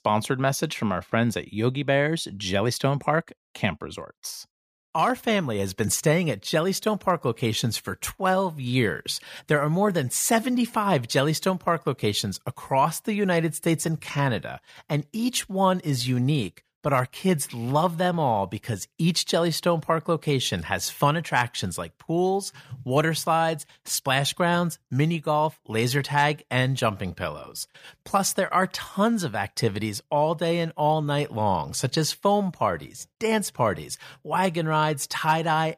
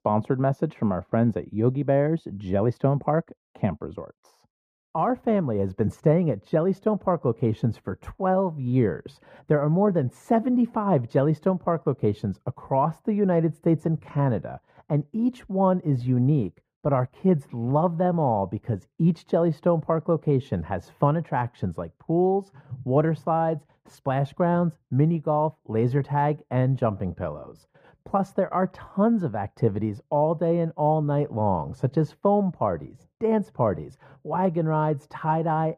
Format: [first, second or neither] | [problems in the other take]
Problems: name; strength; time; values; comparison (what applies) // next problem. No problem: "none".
first | muffled; very; fading above 2 kHz